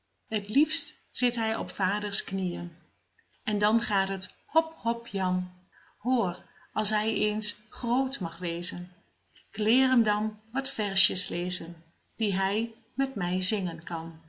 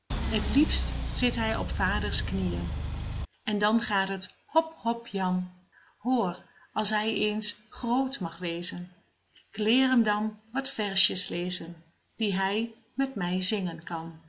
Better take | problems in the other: first | background sound (Engine); 1 dB below the speech

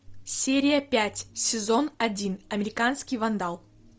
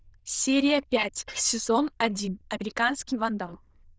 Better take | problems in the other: first | noise reduction (neural diffusion model UNIVERSE++)

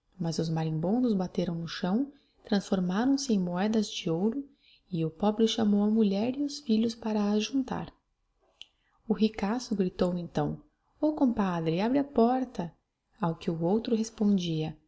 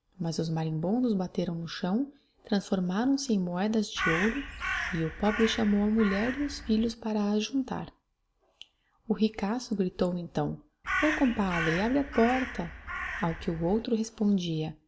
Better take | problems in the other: first | background sound (Crow); 6 dB below the speech

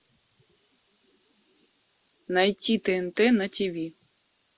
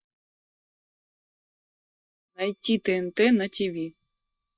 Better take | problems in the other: first | noise reduction (neural mask model DeepFilterNet 3)

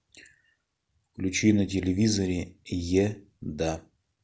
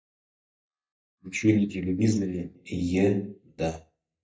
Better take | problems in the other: first | noise reduction (neural mask model DeepFilterNet 3)

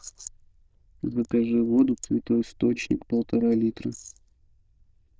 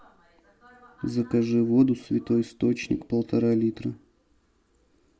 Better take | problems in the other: second | noise reduction (neural diffusion model UNIVERSE++)

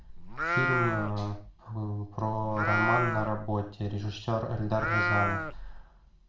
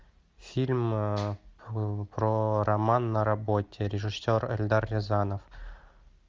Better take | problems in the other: second | background sound (Livestock, farm animals, working animals); as loud as the speech // room echo; dies away in 0.4 s

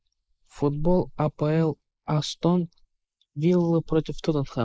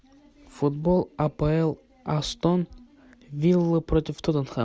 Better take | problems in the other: second | noise reduction (neural mask model Resemble Enhance denoiser)

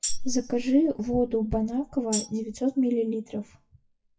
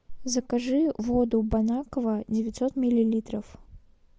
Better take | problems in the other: second | noise reduction (classical method WPE with log-MMSE)

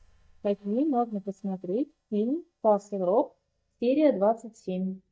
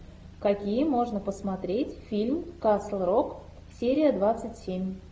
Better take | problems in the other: second | noise reduction (neural mask model DeepFilterNet 3)

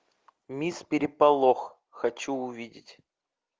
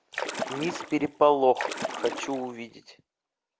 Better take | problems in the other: first | background sound (Splash, splatter); 8 dB below the speech

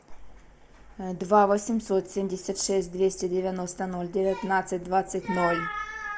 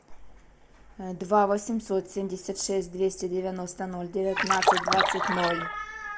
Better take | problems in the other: first | background sound (Splash, splatter); 3 dB above the speech

